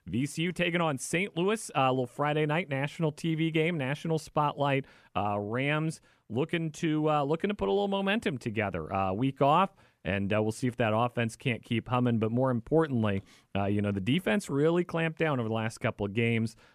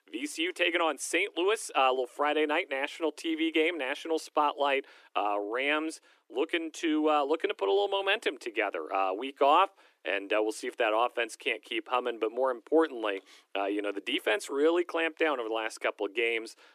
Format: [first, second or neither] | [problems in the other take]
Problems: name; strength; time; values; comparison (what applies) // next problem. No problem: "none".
first | thin; very; fading below 300 Hz